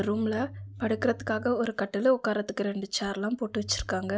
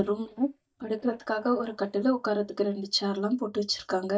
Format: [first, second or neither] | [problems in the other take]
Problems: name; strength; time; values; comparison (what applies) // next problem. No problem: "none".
first | noise reduction (neural mask model DeepFilterNet 3)